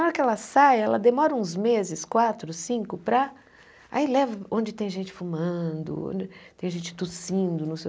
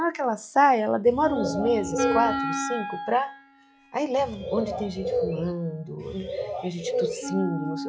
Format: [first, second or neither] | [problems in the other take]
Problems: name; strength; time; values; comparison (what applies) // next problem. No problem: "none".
first | noise reduction (classical method log-MMSE)